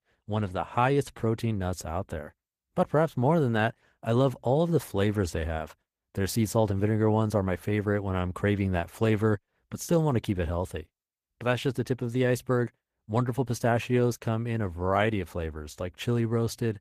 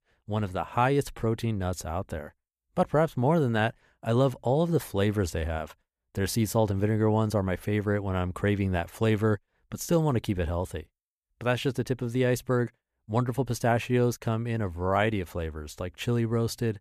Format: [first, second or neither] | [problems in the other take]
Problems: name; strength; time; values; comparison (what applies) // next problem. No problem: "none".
second | garbled, watery; slightly; nothing above 14.5 kHz